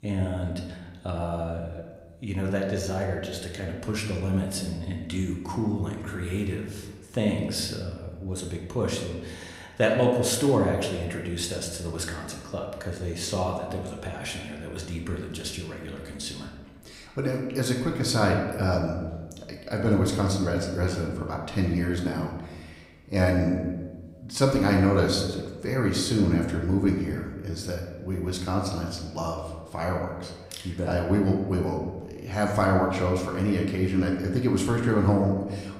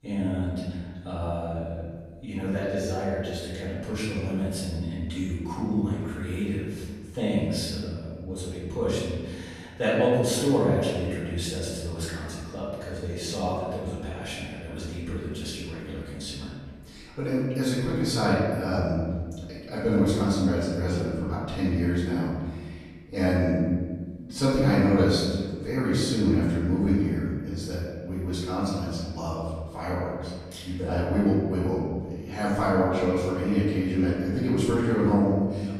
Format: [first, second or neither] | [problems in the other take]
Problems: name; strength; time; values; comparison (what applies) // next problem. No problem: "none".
first | room echo; strong; dies away in 1.5 s; slight in the first // off-mic speech; far; somewhat distant in the first